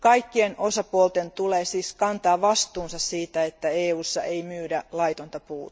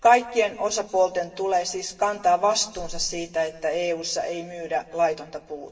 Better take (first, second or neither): first